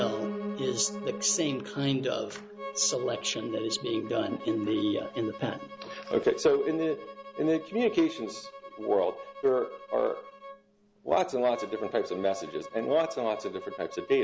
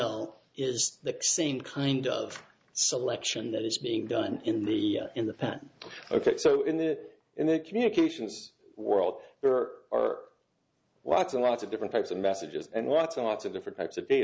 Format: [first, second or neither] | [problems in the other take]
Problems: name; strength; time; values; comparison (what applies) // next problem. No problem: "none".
second | background sound (Bowed string instrument + Piano); 12 dB below the speech